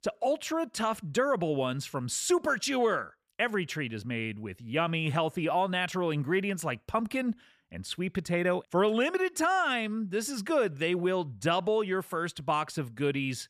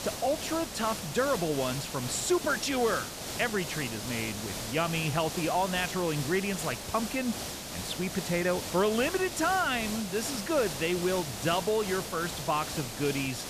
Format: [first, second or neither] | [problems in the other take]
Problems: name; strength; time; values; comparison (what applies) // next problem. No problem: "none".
first | hiss; loud; throughout; 6 dB below the speech